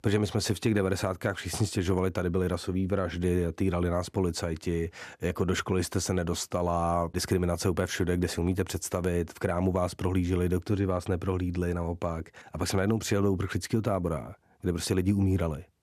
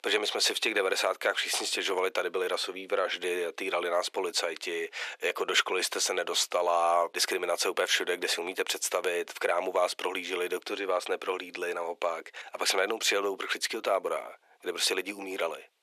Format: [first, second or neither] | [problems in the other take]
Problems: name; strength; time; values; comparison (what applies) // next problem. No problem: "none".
first | thin; very; fading below 450 Hz